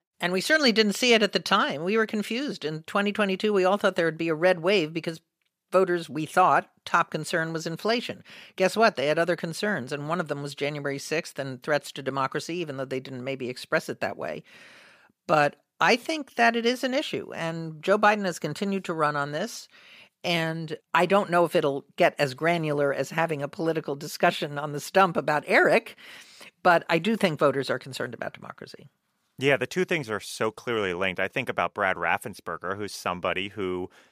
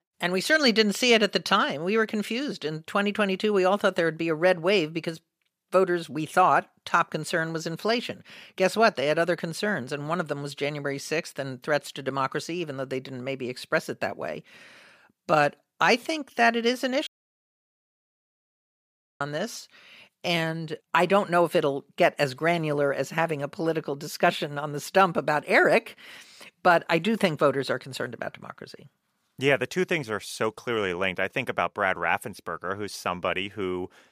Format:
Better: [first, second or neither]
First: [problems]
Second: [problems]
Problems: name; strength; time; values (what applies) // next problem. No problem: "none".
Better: first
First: none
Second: audio cutting out; at 17 s for 2 s